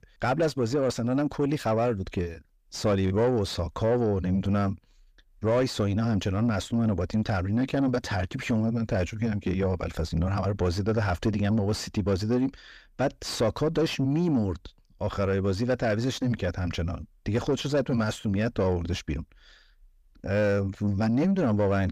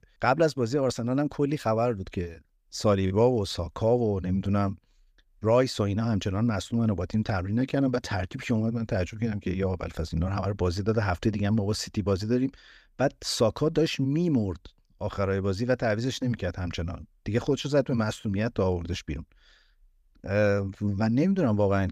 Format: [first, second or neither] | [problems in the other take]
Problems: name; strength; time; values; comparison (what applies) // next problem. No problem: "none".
second | distortion; slight; 10 dB below the speech